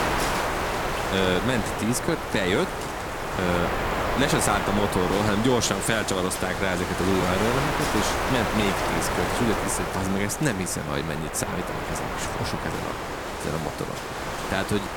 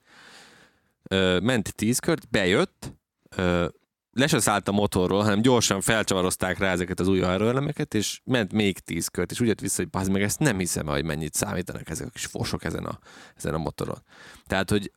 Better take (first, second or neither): second